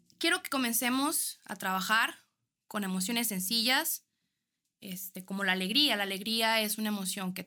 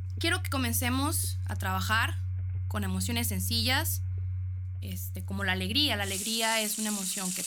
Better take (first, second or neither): first